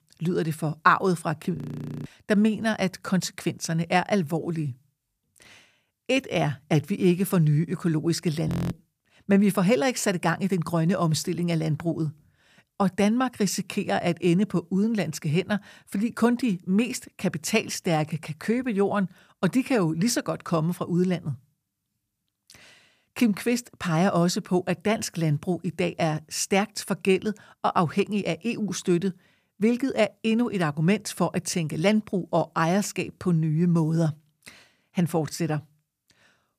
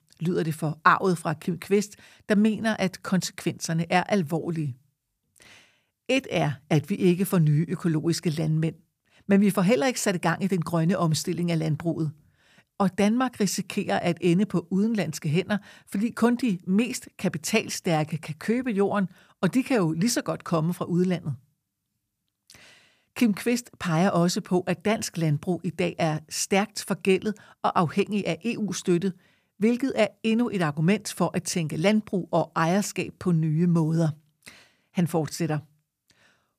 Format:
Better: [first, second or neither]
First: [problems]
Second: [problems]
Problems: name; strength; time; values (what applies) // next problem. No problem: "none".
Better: second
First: audio freezing; at 1.5 s and at 8.5 s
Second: none